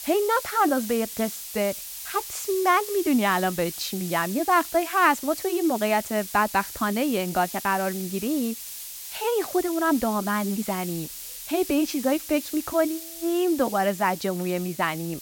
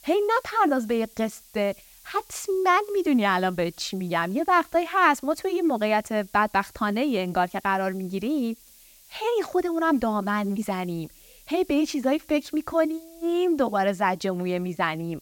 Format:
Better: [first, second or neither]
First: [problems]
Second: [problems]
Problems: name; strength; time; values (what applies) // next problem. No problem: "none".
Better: second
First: hiss; loud; throughout; 10 dB below the speech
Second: hiss; faint; throughout; 25 dB below the speech